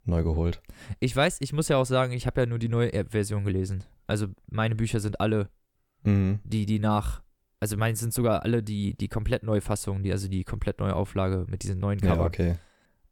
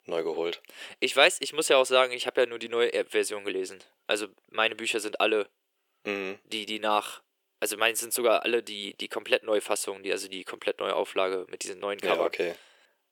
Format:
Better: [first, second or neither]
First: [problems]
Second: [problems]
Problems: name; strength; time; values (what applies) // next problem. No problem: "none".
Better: first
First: none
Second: thin; very; fading below 400 Hz